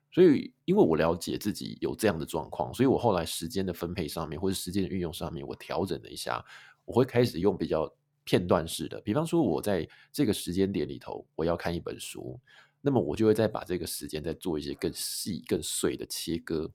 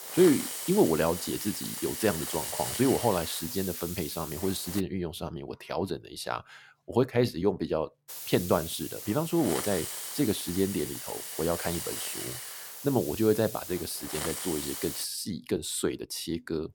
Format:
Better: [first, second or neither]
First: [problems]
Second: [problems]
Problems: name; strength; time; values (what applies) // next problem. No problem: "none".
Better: first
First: none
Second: hiss; loud; until 5 s and from 8 to 15 s; 5 dB below the speech